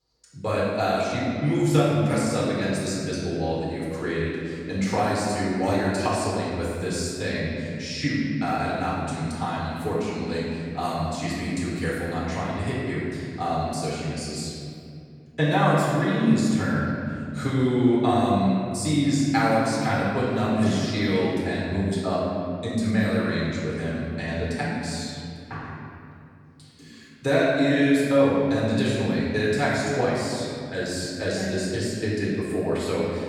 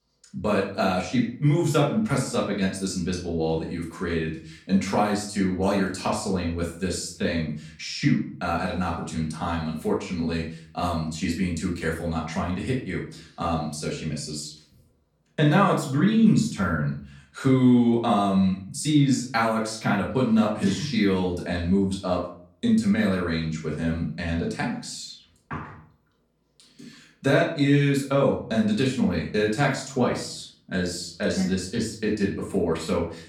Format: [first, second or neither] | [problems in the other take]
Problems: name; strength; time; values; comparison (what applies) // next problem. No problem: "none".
second | room echo; strong; dies away in 2.4 s; slight in the second // off-mic speech; far; far in the second